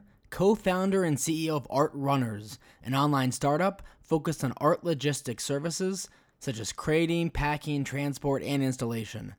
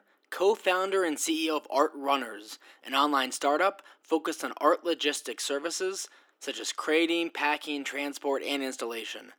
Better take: first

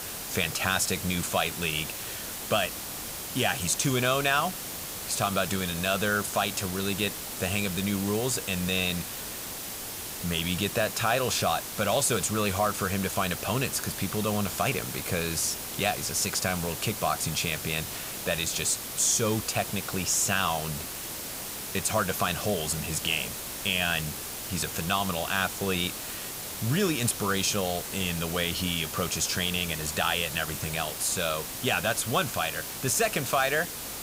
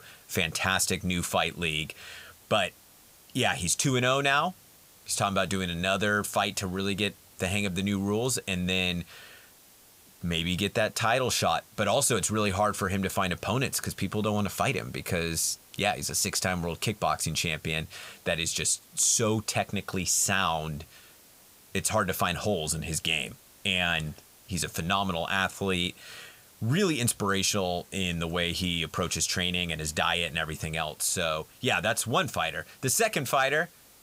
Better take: second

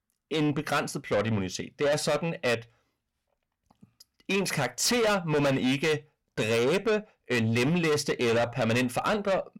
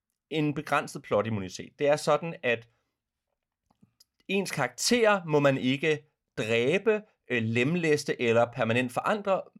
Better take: second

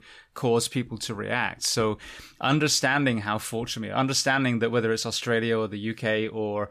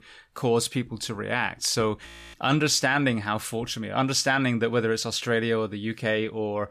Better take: first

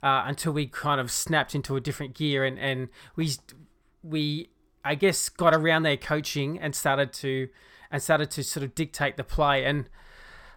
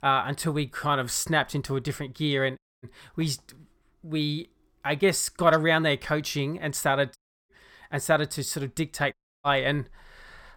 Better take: first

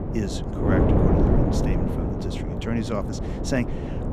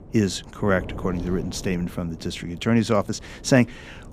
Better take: second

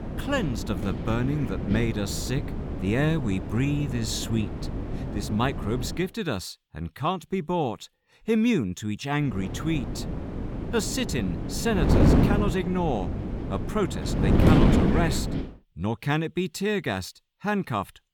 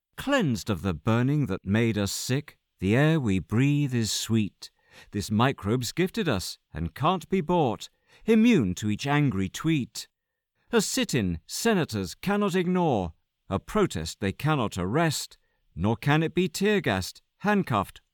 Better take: second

